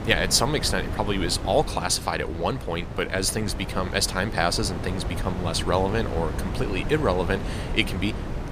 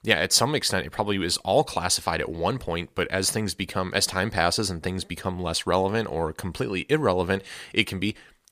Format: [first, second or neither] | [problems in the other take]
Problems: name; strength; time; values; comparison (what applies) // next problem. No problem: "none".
second | wind noise on the microphone; occasional gusts; 10 dB below the speech